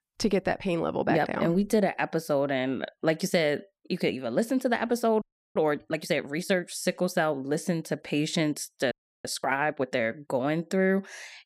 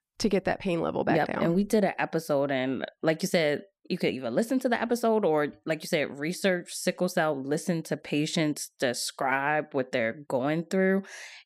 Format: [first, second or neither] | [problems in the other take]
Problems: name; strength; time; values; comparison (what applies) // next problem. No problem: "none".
second | audio freezing; at 5 s and at 9 s